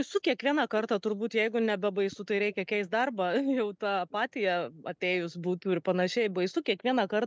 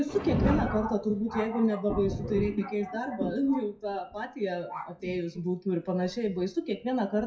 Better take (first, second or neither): first